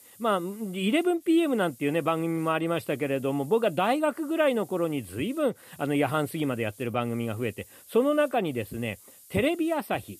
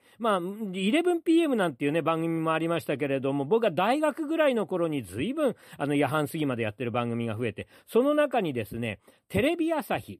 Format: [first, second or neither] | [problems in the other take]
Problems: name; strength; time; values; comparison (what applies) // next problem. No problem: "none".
second | hiss; faint; throughout; 25 dB below the speech